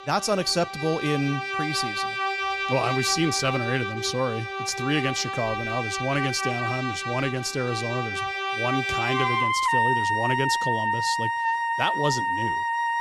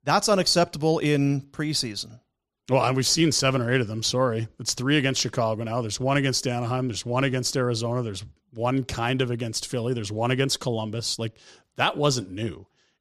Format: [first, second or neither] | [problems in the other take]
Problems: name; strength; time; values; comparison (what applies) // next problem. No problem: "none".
second | background music; very loud; throughout; 1 dB above the speech